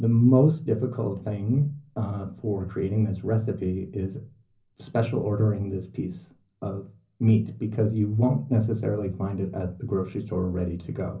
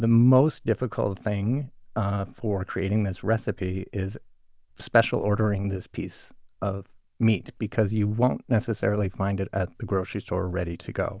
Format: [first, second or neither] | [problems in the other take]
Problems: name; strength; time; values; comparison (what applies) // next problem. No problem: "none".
second | room echo; dies away in 0.5 s